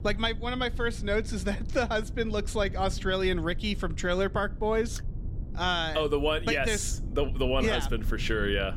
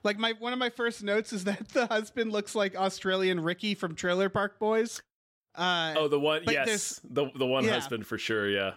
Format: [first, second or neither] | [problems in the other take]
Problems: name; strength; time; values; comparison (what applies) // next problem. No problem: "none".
second | low rumble; faint; throughout; 20 dB below the speech